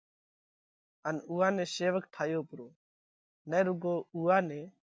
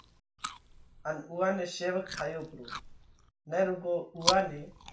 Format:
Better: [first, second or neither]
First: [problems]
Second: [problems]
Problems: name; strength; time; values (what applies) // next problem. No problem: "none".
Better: first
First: none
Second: background sound (Chewing, mastication); 6 dB below the speech // room echo; dies away in 0.3 s